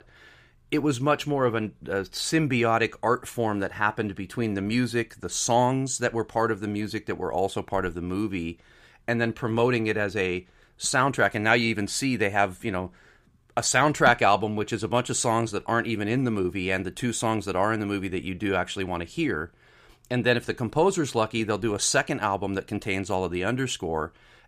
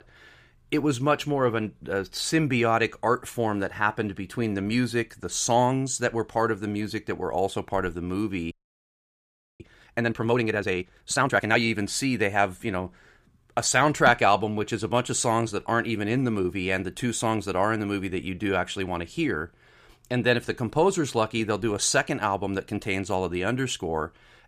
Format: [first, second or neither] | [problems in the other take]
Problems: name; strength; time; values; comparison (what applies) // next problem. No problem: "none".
first | audio freezing; at 8.5 s for 1 s